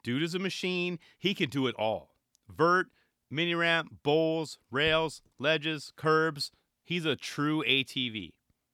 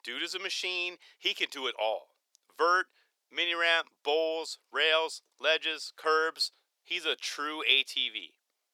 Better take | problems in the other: first | thin; very; fading below 450 Hz

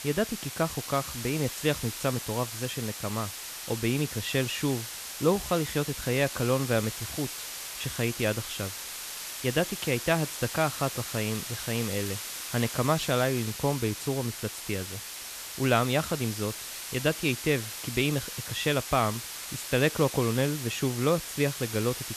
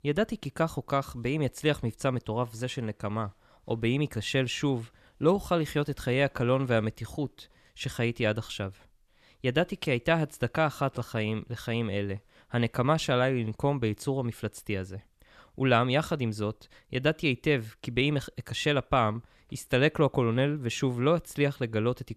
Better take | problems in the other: second | hiss; loud; throughout; 6 dB below the speech

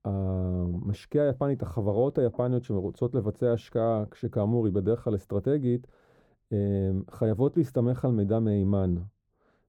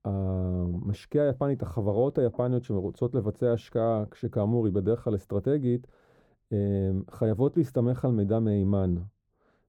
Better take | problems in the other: neither | muffled; very; fading above 1 kHz; the same in both

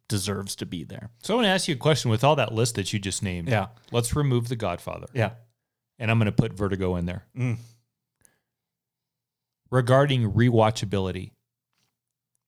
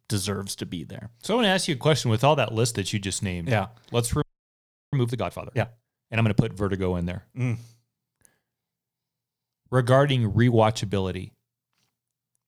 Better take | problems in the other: first | audio freezing; at 4 s for 0.5 s

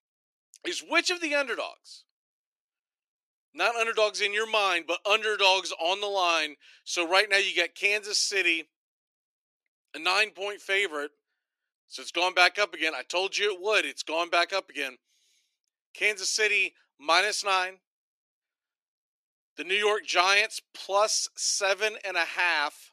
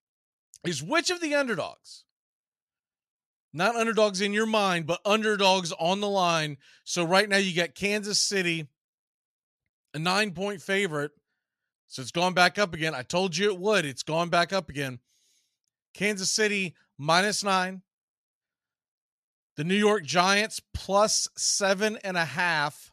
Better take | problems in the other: second | thin; very; fading below 300 Hz

